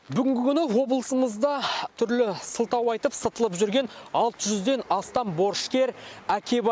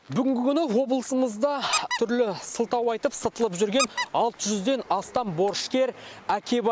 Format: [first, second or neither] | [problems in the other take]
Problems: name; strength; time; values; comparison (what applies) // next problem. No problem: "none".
first | background sound (Squeak); 9 dB below the speech